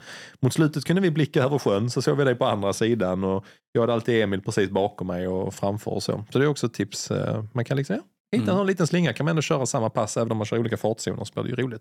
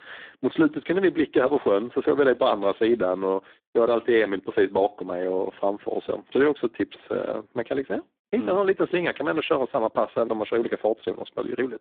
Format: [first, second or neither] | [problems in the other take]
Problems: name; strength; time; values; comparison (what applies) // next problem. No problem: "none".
first | phone-call audio; poor line